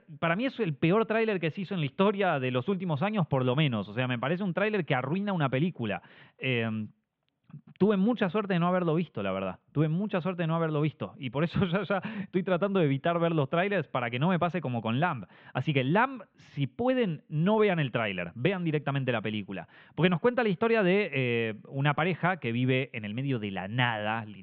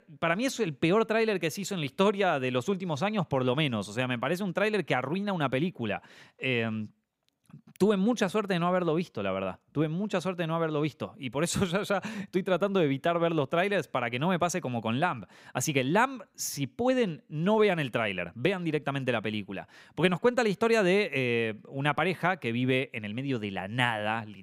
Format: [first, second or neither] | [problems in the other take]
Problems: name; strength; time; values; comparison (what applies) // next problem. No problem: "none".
second | muffled; very; fading above 3.5 kHz